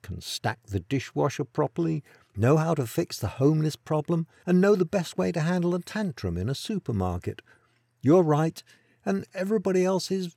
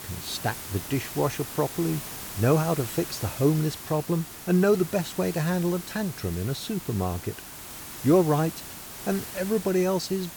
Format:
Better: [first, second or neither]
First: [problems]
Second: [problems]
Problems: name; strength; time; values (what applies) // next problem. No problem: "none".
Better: first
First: none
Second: hiss; noticeable; throughout; 10 dB below the speech